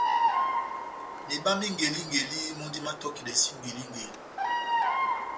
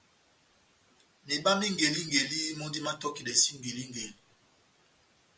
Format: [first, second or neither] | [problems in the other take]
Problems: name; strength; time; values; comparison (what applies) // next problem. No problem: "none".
second | background sound (Bird vocalization, bird call, bird song); 2 dB above the speech